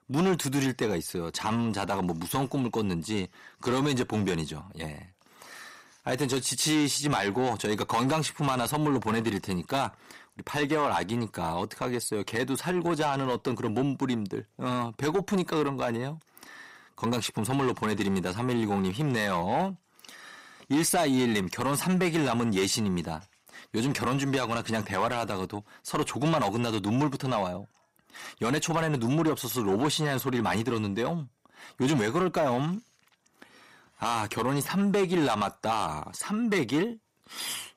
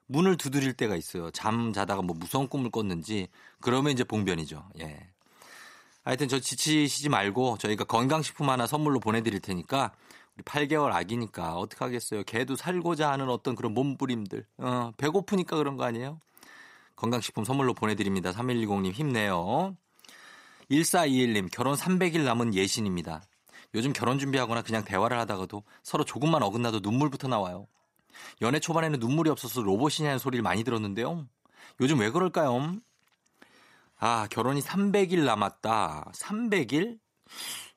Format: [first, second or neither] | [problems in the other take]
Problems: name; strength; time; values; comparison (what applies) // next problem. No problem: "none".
second | distortion; slight; 10 dB below the speech